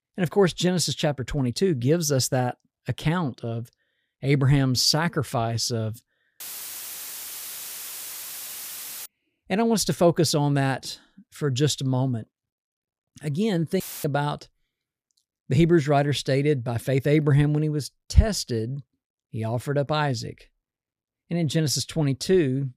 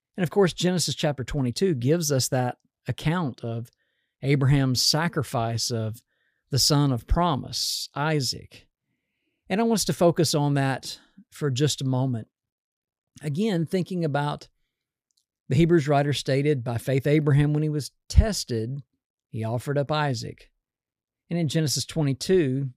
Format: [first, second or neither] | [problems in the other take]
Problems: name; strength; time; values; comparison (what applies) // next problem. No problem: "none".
second | audio cutting out; filled with static; at 6.5 s for 2.5 s and at 14 s